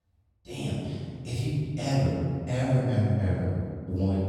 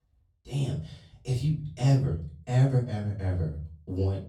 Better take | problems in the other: second | room echo; strong; dies away in 1.8 s; slight in the second // off-mic speech; far; far in the second

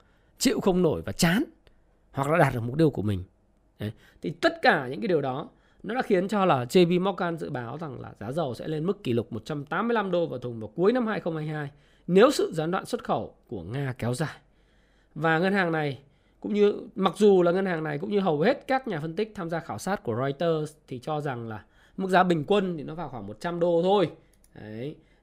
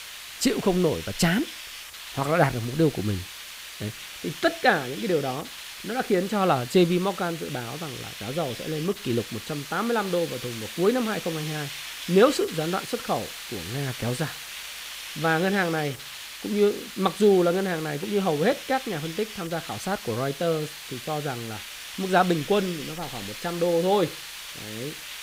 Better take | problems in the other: first | hiss; noticeable; throughout; 10 dB below the speech

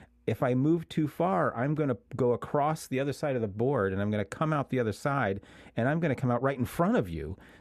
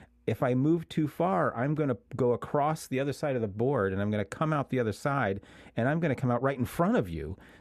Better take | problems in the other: neither | muffled; slightly; fading above 2.5 kHz; the same in both

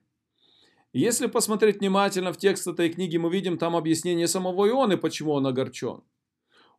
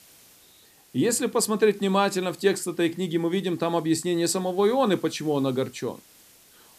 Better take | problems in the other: first | hiss; faint; throughout; 25 dB below the speech

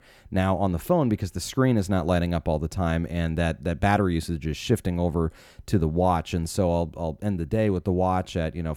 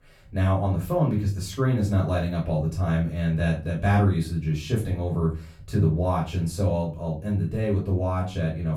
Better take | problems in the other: first | off-mic speech; far // room echo; slight; dies away in 0.3 s

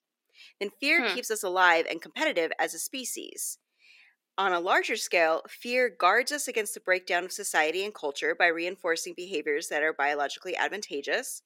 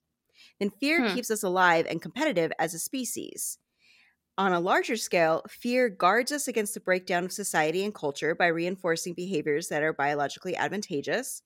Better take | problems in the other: second | thin; somewhat; fading below 350 Hz

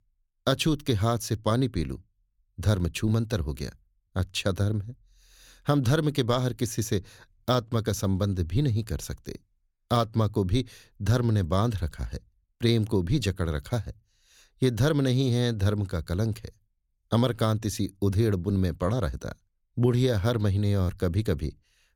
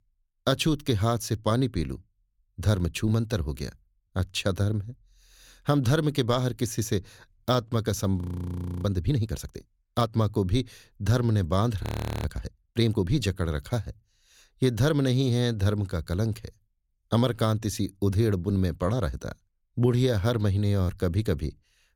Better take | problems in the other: first | audio freezing; at 8 s for 0.5 s and at 12 s

